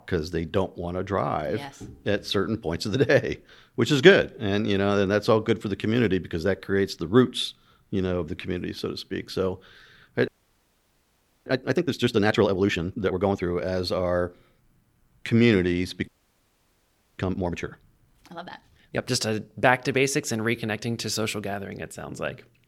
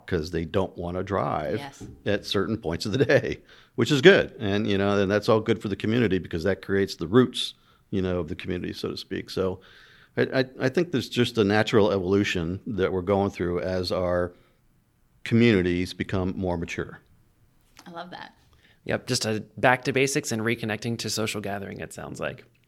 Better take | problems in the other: second | audio freezing; at 10 s for 1 s and at 16 s for 1 s

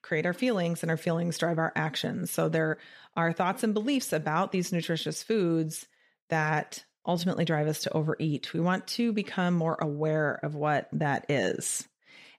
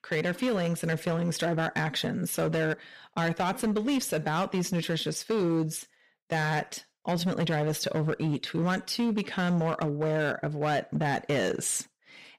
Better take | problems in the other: first | distortion; slight; 11% of the sound clipped

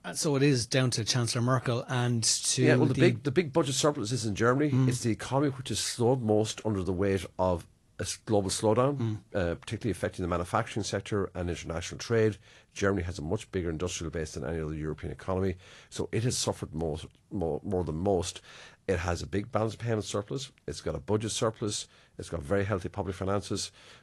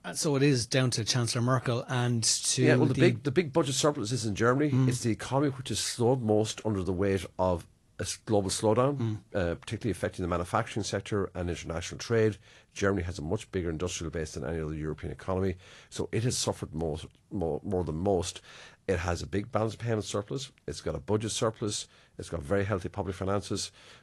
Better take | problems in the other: neither | garbled, watery; slightly; the same in both

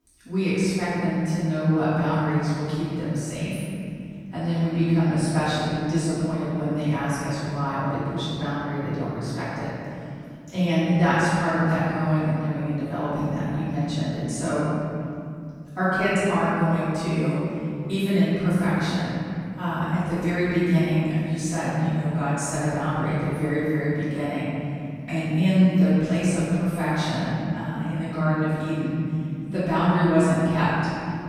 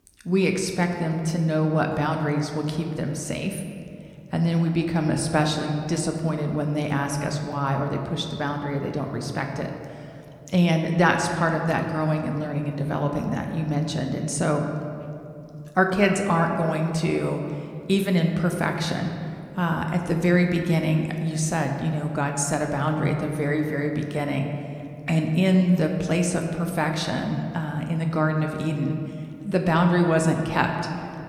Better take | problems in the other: second | room echo; strong; dies away in 2.6 s; slight in the second // off-mic speech; far

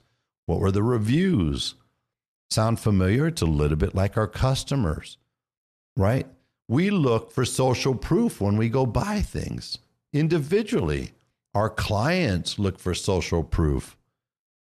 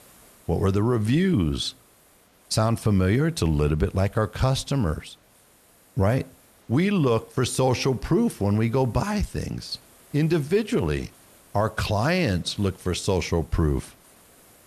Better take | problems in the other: first | hiss; faint; throughout; 30 dB below the speech

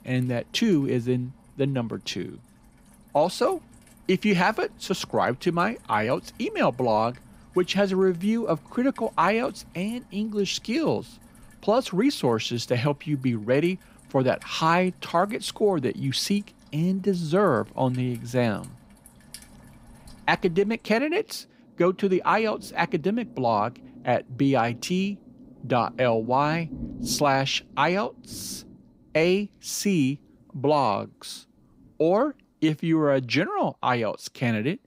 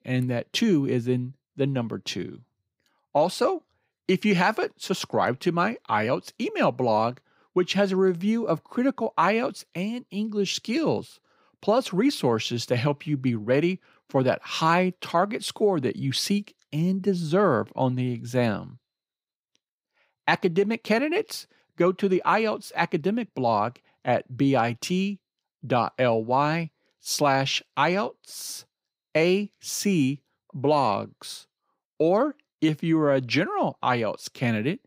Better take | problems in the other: second | rain or running water; faint; throughout; 25 dB below the speech

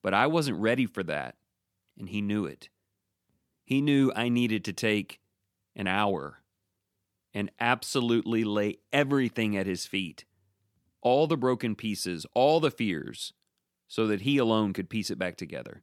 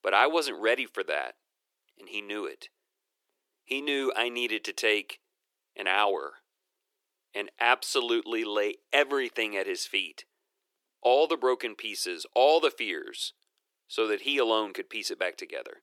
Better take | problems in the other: first | thin; very; fading below 350 Hz

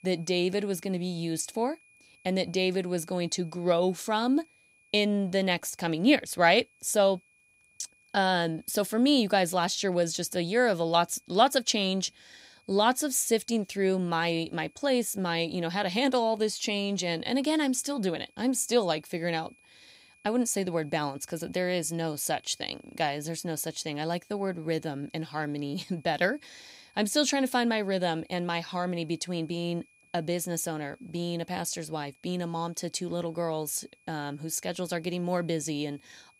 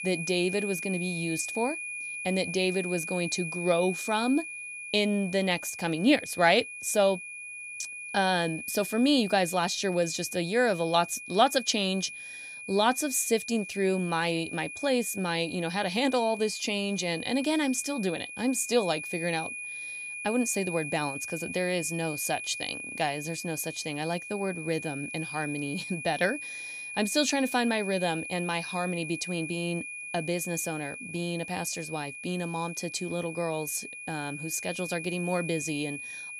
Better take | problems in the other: first | high-pitched whine; loud; throughout; 2.5 kHz, 8 dB below the speech; faint in the first

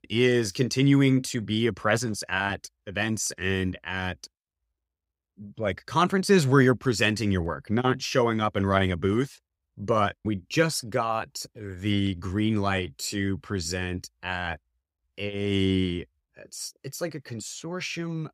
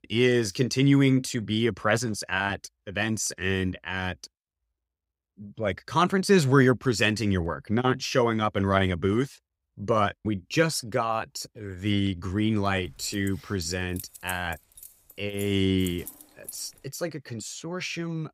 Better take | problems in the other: first | jangling keys; faint; from 13 to 17 s; peak 15 dB below the speech

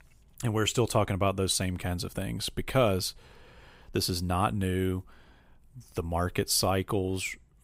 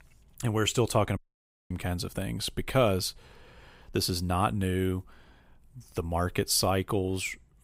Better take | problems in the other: first | audio cutting out; at 1 s for 0.5 s

